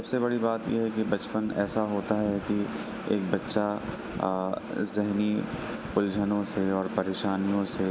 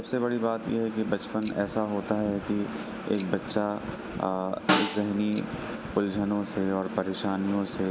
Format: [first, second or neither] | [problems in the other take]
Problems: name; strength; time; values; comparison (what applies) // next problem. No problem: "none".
first | background sound (Snare drum + Bicycle bell); 8 dB below the speech